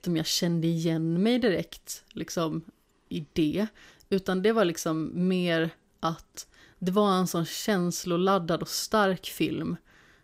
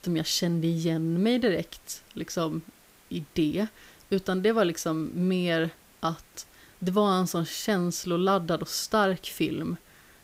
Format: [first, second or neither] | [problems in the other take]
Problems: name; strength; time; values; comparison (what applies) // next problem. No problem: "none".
first | hiss; faint; throughout; 30 dB below the speech